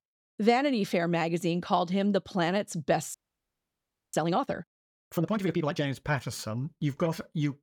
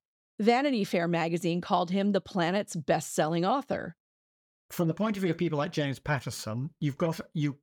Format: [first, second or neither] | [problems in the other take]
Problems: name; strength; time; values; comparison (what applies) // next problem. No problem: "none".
second | audio freezing; at 3 s for 1 s